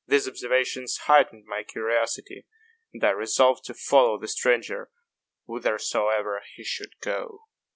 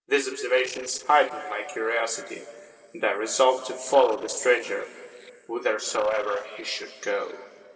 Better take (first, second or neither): first